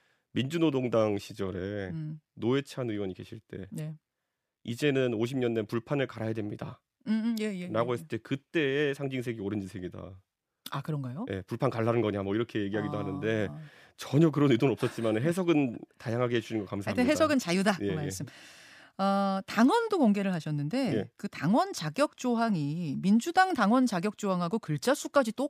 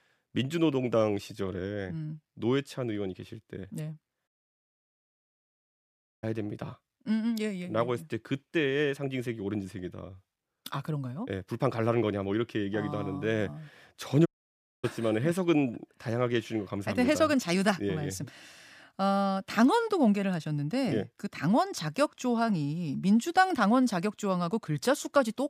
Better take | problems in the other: first | audio cutting out; at 4.5 s for 2 s and at 14 s for 0.5 s

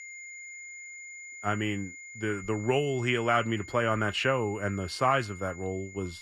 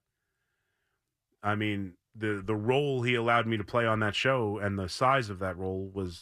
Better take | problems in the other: second | high-pitched whine; noticeable; throughout; 2 kHz, 15 dB below the speech

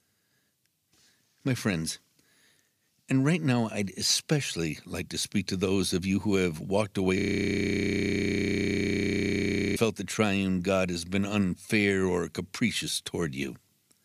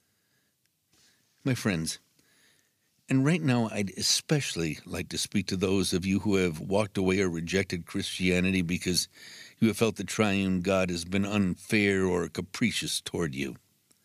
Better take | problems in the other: second | audio freezing; at 7 s for 2.5 s

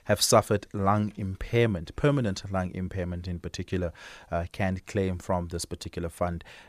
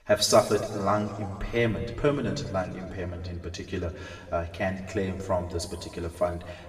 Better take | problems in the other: first | room echo; noticeable; dies away in 1.8 s // off-mic speech; far

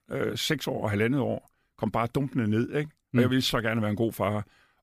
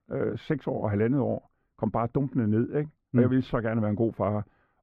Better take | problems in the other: first | muffled; very; fading above 3 kHz

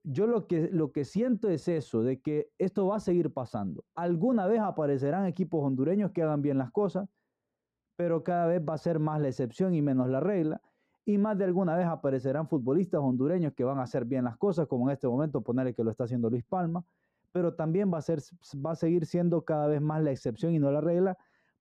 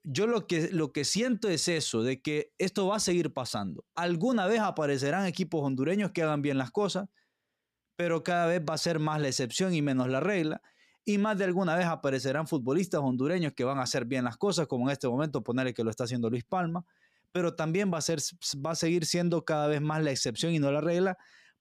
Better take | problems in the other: second | muffled; very; fading above 1.5 kHz

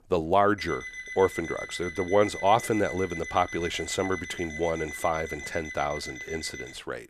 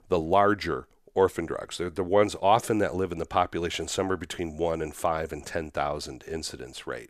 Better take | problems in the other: second | alarm; noticeable; from 0.5 s on; peak 8 dB below the speech

